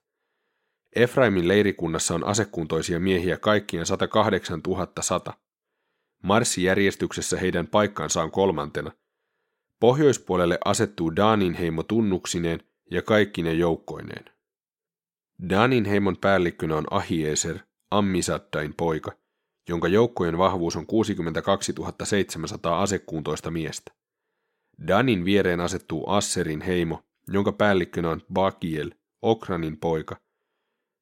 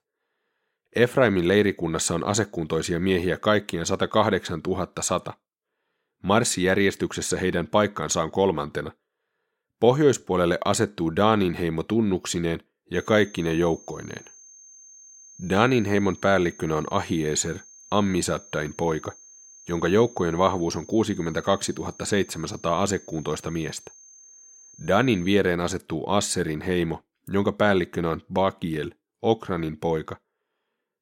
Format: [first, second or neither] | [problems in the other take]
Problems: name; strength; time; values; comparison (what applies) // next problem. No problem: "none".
first | high-pitched whine; faint; from 13 to 25 s; 6.5 kHz, 20 dB below the speech